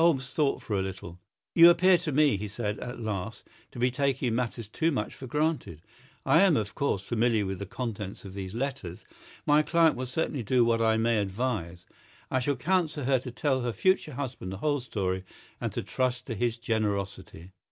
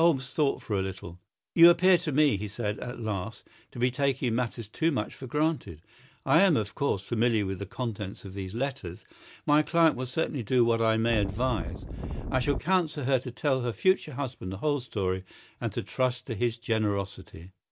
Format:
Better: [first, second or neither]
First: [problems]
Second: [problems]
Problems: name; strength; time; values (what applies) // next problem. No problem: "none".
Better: first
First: none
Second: background sound (Wind); 5 dB below the speech